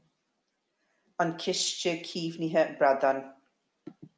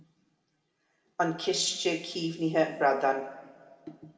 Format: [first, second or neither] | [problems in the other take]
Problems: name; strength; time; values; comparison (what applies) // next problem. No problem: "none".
first | room echo; dies away in 1.8 s